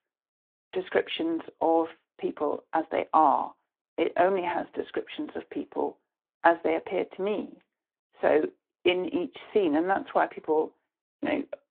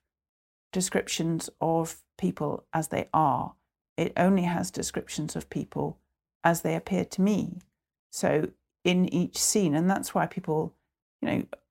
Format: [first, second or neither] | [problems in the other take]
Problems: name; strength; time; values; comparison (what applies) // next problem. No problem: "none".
second | phone-call audio